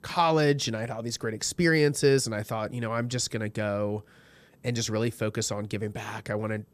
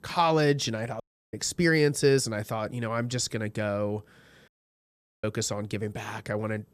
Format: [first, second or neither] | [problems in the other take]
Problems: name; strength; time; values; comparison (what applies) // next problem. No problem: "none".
first | audio cutting out; at 1 s and at 4.5 s for 1 s